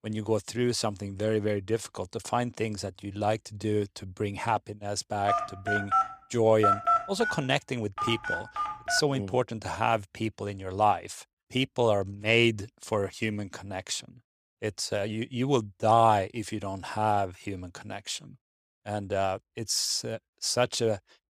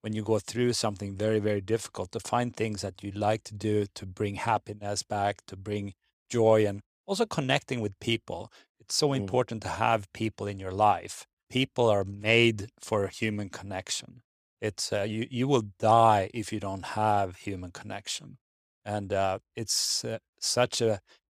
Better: second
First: phone ringing; loud; from 5.5 to 9 s; peak 6 dB above the speech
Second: none

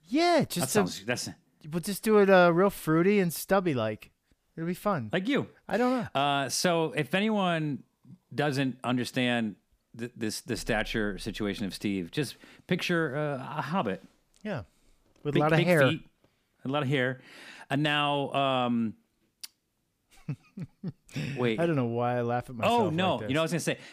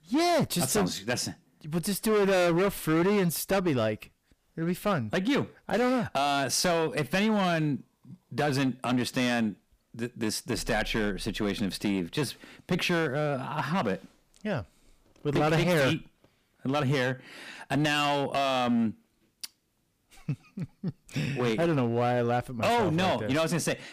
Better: first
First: none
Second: distortion; heavy; 10% of the sound clipped

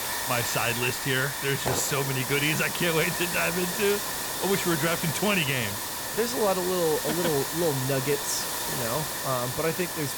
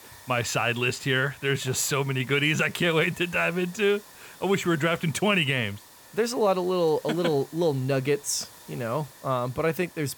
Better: second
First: hiss; loud; throughout; 1 dB below the speech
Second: hiss; faint; throughout; 20 dB below the speech

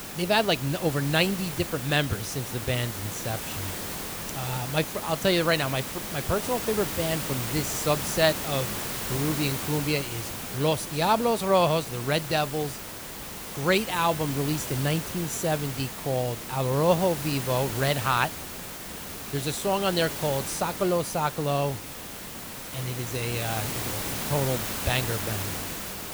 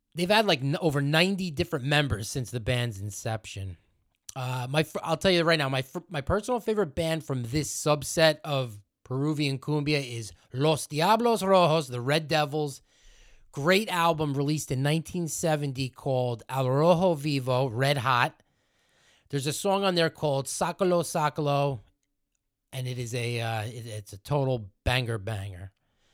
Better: second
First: hiss; loud; throughout; 5 dB below the speech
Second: none

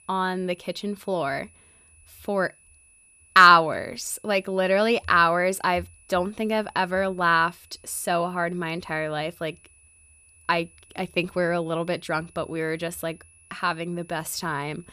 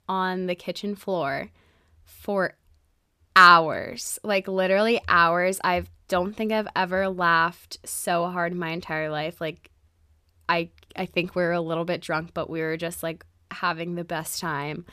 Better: second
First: high-pitched whine; faint; throughout; 10.5 kHz, 30 dB below the speech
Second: none

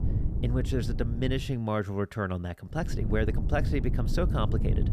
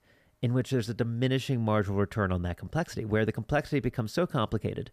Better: second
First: wind noise on the microphone; heavy; until 1.5 s and from 3 s on; 10 dB below the speech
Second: none

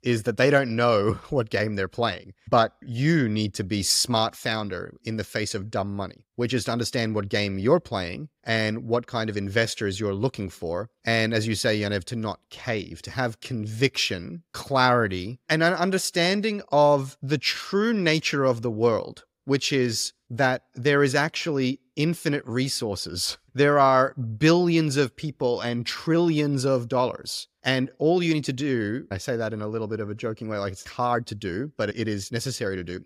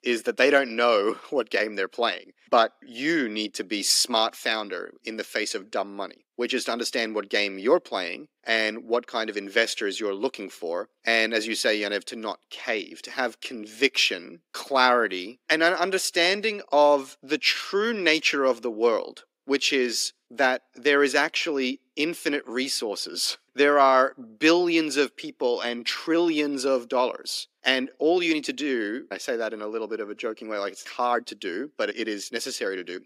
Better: first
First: none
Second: thin; somewhat; fading below 250 Hz

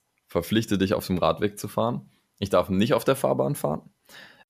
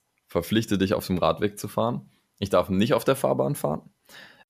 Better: neither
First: none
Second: none

